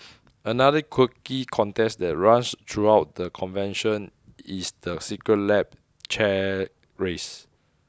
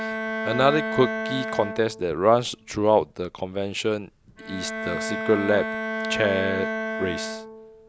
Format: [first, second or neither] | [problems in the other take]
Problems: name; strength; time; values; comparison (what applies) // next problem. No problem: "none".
first | background sound (Bowed string instrument); 6 dB below the speech